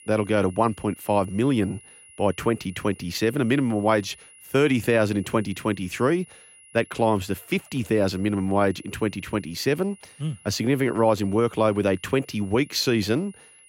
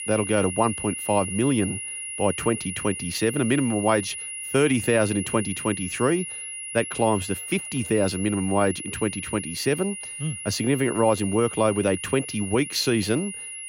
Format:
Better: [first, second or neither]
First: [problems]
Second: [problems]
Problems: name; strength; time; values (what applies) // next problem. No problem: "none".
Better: first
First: high-pitched whine; faint; throughout; 10.5 kHz, 25 dB below the speech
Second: high-pitched whine; loud; throughout; 10.5 kHz, 7 dB below the speech